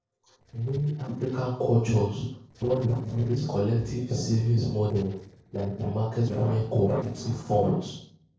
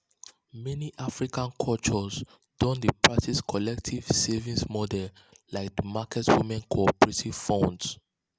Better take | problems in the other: second | noise reduction (neural separator model SepFormer DNS4)

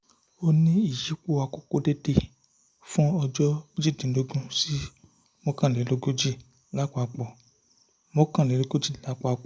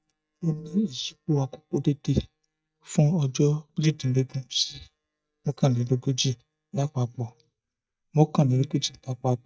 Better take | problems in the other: first | noise reduction (neural mask model DeepFilterNet 3)

